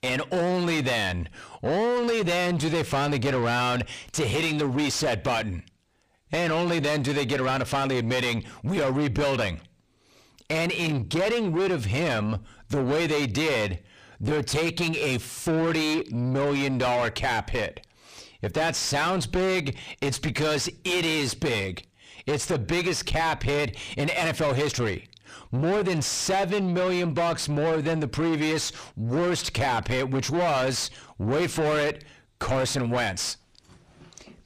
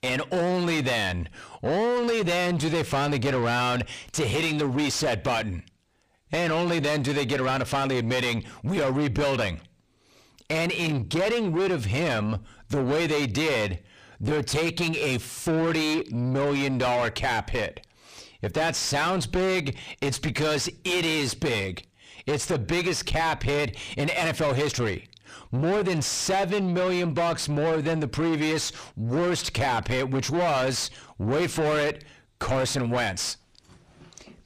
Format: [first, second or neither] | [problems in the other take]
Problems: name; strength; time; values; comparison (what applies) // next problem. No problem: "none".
neither | distortion; heavy; 5 dB below the speech; the same in both